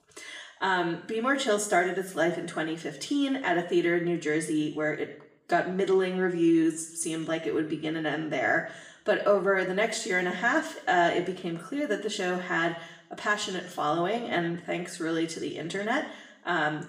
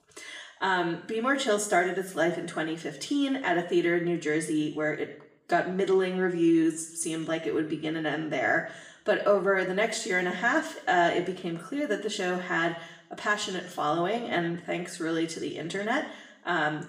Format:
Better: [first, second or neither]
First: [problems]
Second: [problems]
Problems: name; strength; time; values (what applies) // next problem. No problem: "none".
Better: neither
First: room echo; slight; dies away in 0.6 s // off-mic speech; far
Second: room echo; slight; dies away in 0.6 s // off-mic speech; far